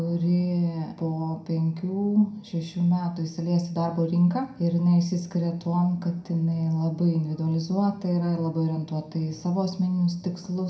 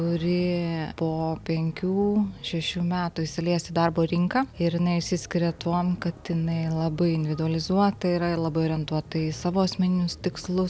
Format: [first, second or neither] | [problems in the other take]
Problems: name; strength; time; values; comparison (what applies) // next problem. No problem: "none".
second | room echo; dies away in 0.5 s